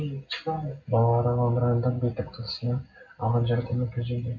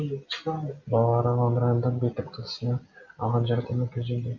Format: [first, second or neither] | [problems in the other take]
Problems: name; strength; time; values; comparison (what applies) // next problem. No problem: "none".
second | room echo; dies away in 0.3 s